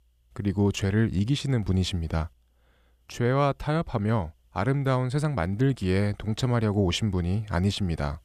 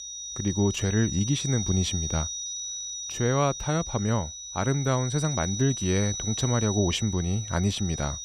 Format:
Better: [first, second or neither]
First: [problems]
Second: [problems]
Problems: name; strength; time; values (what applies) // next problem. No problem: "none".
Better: first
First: none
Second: high-pitched whine; loud; throughout; 6 kHz, 5 dB below the speech